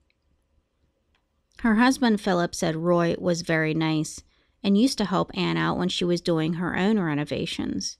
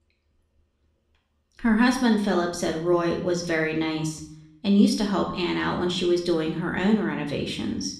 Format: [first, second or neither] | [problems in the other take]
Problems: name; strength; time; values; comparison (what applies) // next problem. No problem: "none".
first | room echo; slight; dies away in 0.5 s // off-mic speech; somewhat distant